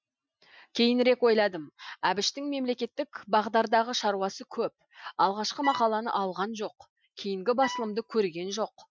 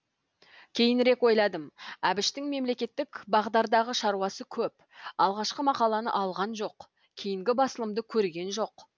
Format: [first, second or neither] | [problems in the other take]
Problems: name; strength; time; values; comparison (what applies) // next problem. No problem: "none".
second | noise reduction (classical method Wiener filter)